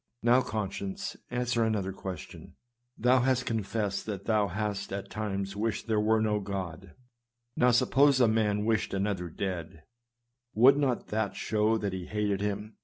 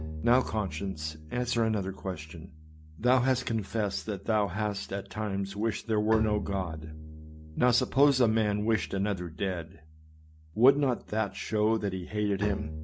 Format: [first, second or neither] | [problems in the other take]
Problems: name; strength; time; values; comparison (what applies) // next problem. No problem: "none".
first | background sound (Bowed string instrument); 13 dB below the speech